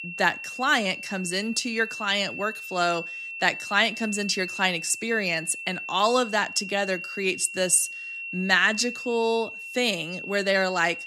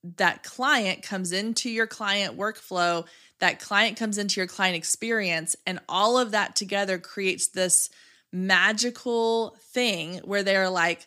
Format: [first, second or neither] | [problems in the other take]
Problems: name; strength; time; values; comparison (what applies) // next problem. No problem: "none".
second | high-pitched whine; loud; throughout; 2.5 kHz, 9 dB below the speech